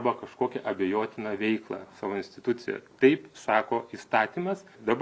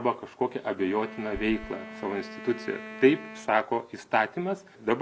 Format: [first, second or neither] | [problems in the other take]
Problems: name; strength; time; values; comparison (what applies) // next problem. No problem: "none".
first | background sound (Wind instrument, woodwind instrument + Run); 14 dB below the speech